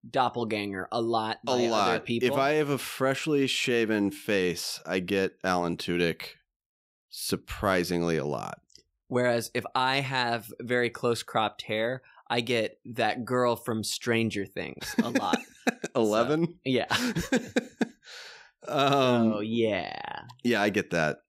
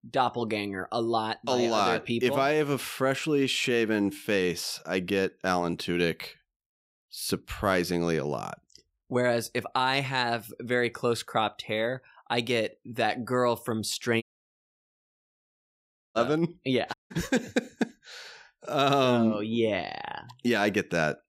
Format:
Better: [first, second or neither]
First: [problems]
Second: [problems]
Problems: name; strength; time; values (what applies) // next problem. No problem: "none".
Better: first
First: none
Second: audio cutting out; at 14 s for 2 s and at 17 s